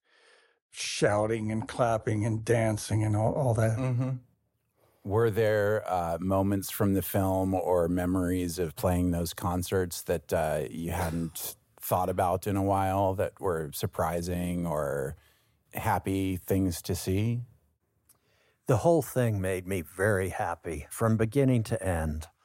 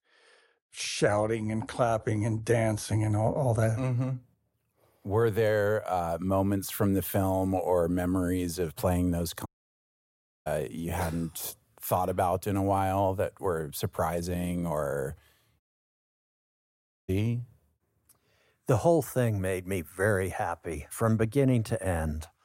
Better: first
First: none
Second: audio cutting out; at 9.5 s for 1 s and at 16 s for 1.5 s

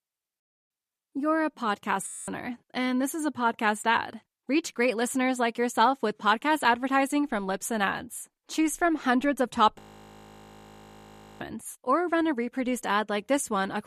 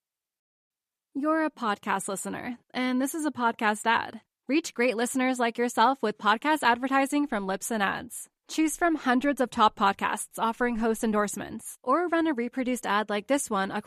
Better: second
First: audio freezing; at 2 s and at 10 s for 1.5 s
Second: none

